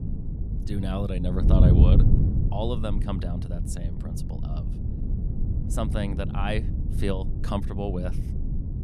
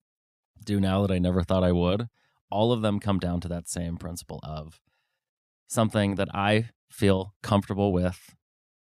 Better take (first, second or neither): second